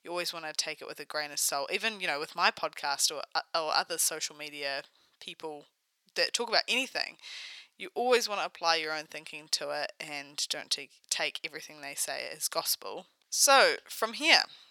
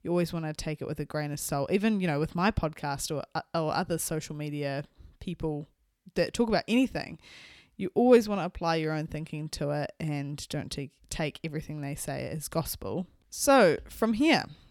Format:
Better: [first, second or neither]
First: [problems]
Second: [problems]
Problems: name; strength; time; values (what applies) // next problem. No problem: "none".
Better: second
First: thin; very; fading below 800 Hz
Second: none